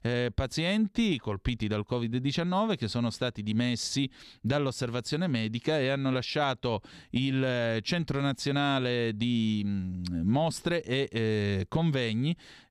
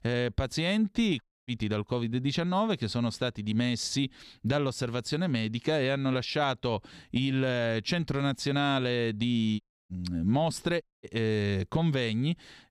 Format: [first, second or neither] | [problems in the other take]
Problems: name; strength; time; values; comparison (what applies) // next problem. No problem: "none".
first | audio cutting out; at 1 s, at 9.5 s and at 11 s